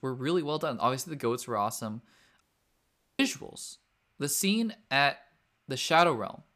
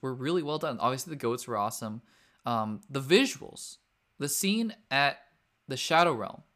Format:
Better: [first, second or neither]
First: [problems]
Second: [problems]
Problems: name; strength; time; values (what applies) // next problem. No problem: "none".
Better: second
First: audio cutting out; at 2.5 s for 1 s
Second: none